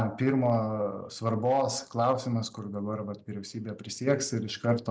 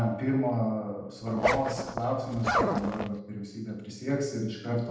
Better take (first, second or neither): first